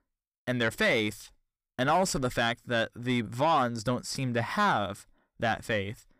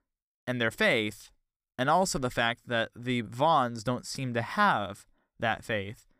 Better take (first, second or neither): second